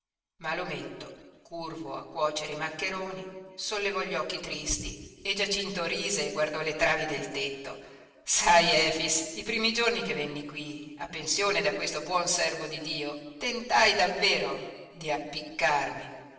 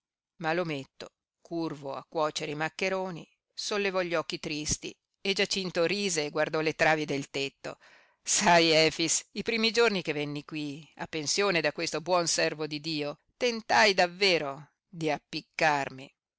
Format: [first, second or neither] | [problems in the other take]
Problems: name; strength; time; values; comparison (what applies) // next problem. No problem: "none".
second | room echo; dies away in 1.3 s